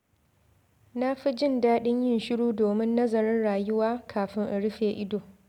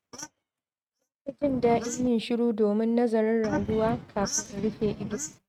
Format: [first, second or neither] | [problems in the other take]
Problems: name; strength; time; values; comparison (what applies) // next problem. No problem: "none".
first | noise reduction (neural mask model RNNoise)